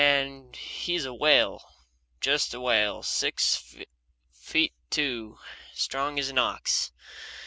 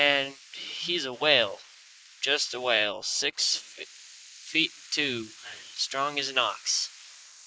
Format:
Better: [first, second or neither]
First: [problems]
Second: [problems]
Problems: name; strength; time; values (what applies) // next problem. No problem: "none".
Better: first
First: none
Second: noise reduction (neural mask model Resemble Enhance denoiser)